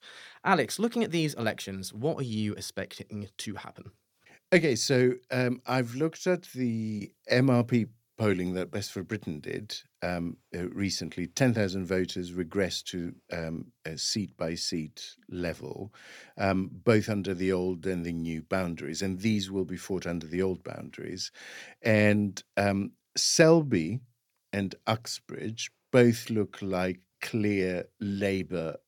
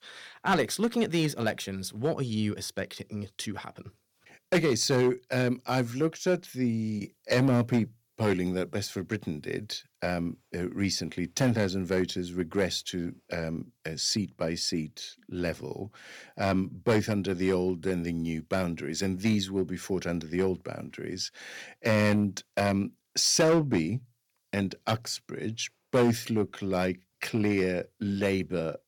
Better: first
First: none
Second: distortion; slight; 3% of the sound clipped

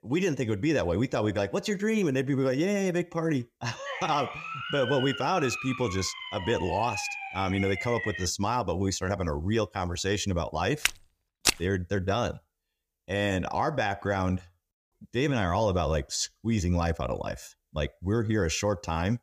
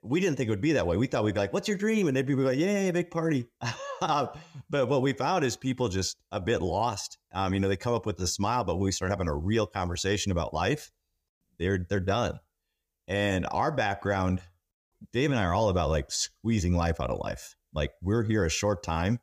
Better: second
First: siren; noticeable; from 4 to 8.5 s; peak 4 dB below the speech // footsteps; loud; at 11 s; peak 3 dB above the speech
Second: none

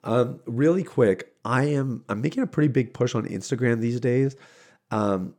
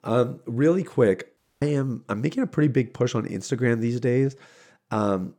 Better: first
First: none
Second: audio cutting out; at 1.5 s

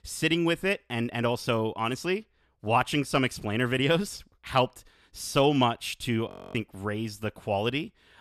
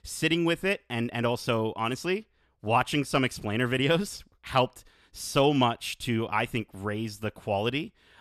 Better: second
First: audio freezing; at 6.5 s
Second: none

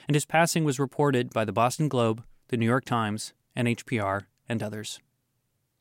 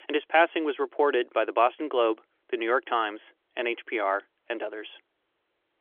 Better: first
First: none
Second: phone-call audio; nothing above 3.5 kHz

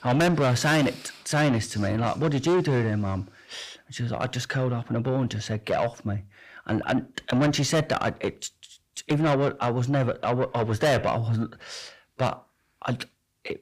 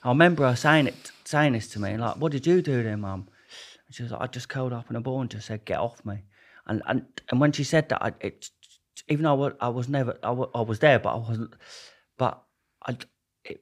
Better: second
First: distortion; heavy; 6 dB below the speech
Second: none

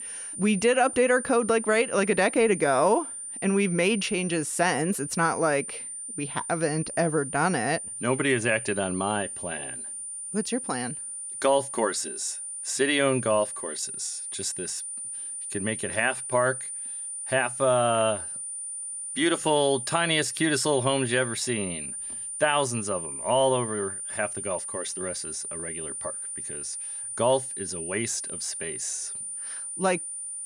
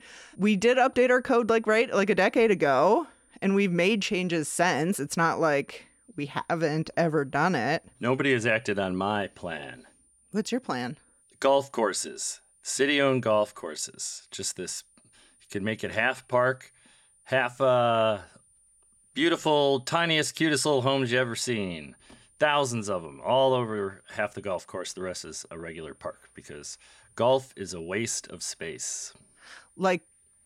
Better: second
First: high-pitched whine; loud; throughout; 9 kHz, 7 dB below the speech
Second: high-pitched whine; faint; throughout; 9 kHz, 35 dB below the speech

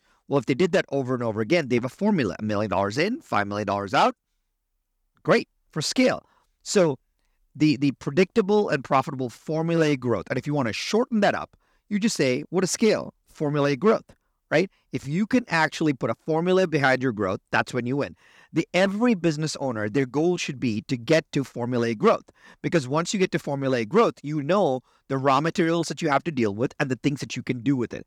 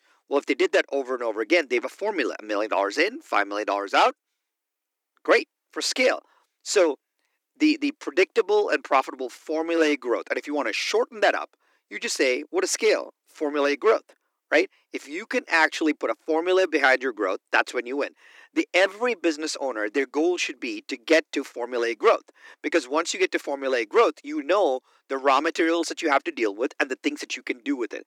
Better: first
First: none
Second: thin; somewhat; fading below 300 Hz

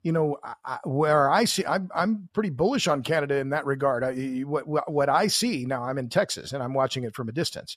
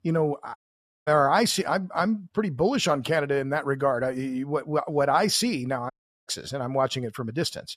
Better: first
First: none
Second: audio cutting out; at 0.5 s for 0.5 s and at 6 s

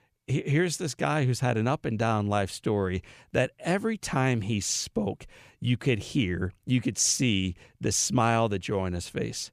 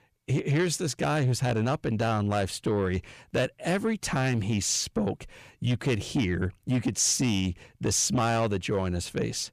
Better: first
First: none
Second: distortion; slight; 10 dB below the speech

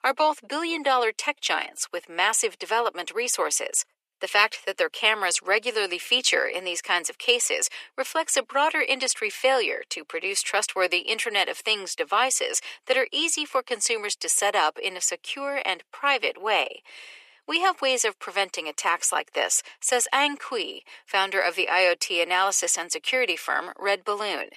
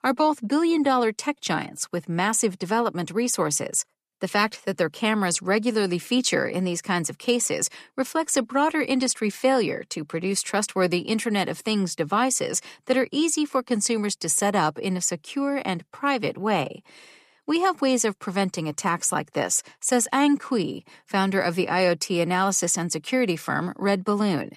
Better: second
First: thin; very; fading below 450 Hz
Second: none

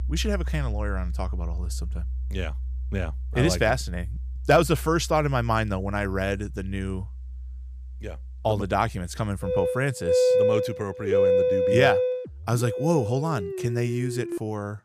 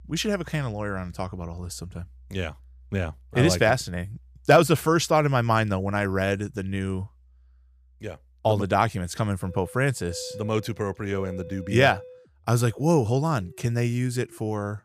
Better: second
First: background music; loud; throughout; 1 dB below the speech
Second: background music; faint; throughout; 20 dB below the speech

